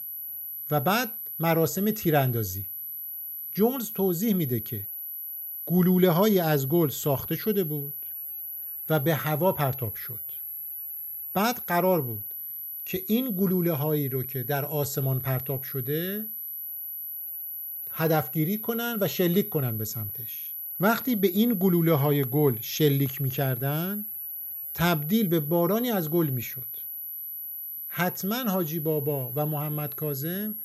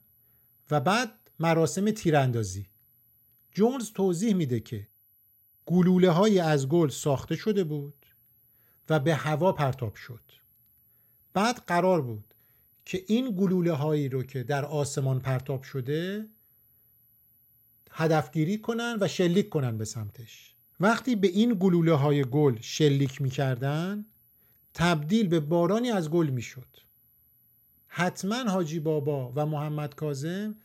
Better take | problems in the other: second | high-pitched whine; loud; throughout; 11.5 kHz, 6 dB below the speech; faint in the second

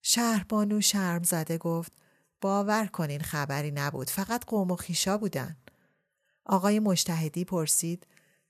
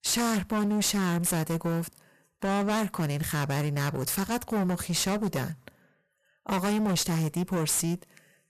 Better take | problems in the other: first | distortion; heavy; 26% of the sound clipped

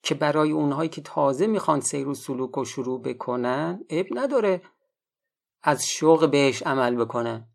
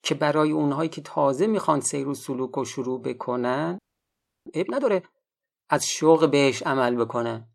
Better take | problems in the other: first | audio freezing; at 4 s for 0.5 s

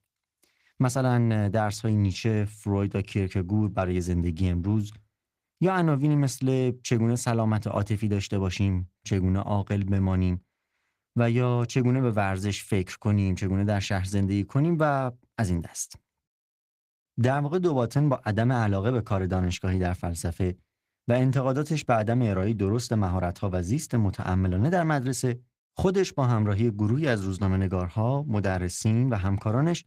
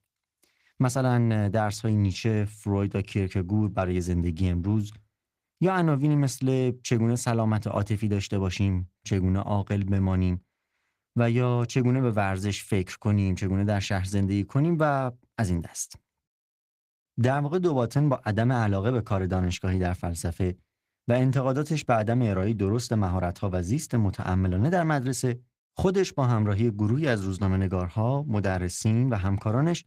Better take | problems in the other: neither | garbled, watery; slightly; nothing above 15.5 kHz; the same in both

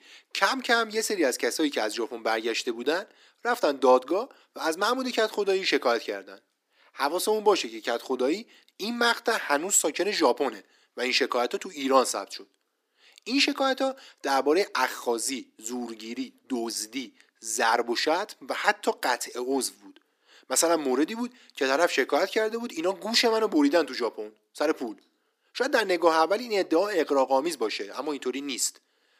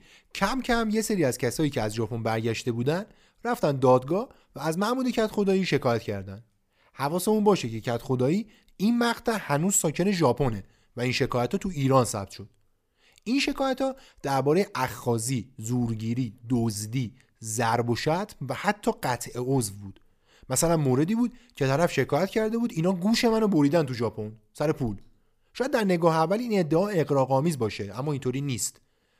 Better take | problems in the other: second | thin; somewhat; fading below 300 Hz

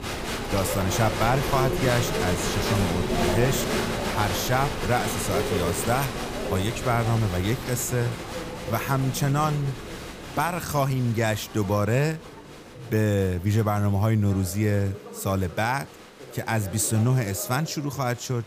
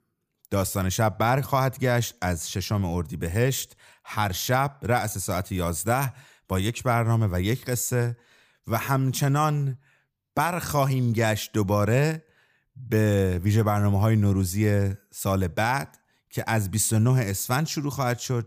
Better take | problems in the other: second | crowd noise; loud; throughout; 4 dB below the speech

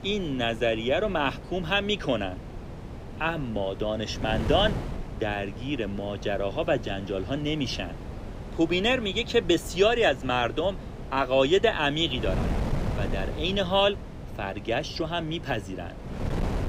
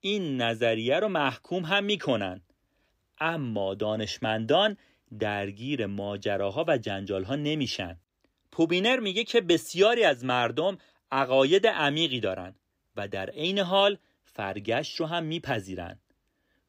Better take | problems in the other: second | wind noise on the microphone; occasional gusts; 15 dB below the speech

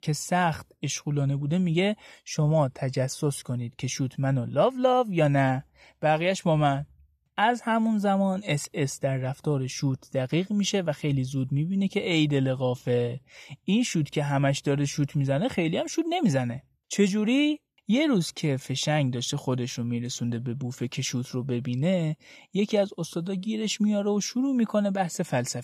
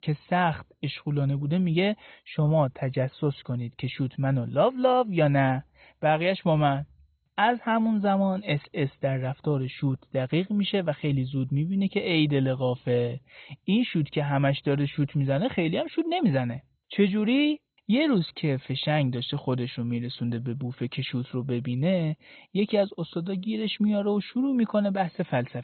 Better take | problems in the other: first | garbled, watery; badly; nothing above 4 kHz

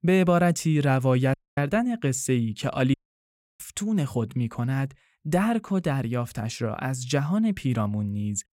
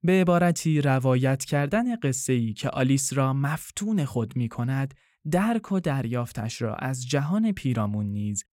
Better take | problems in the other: second | audio cutting out; at 1.5 s and at 3 s for 0.5 s

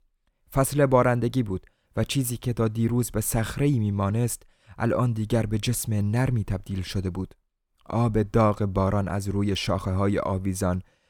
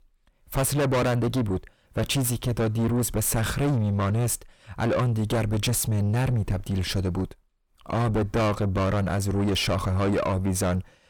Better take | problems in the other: first | distortion; heavy; 6 dB below the speech

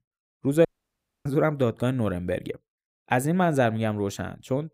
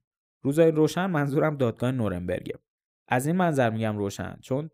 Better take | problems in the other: second | audio cutting out; at 0.5 s for 0.5 s

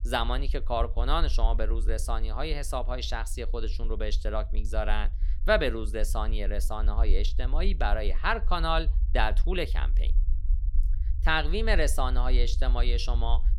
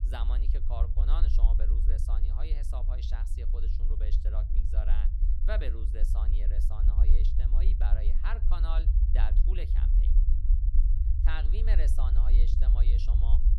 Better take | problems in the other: first | low rumble; loud; throughout; 5 dB below the speech; faint in the first

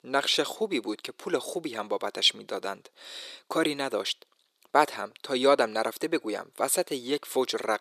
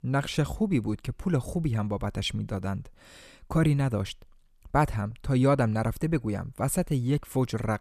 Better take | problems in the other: second | thin; very; fading below 350 Hz

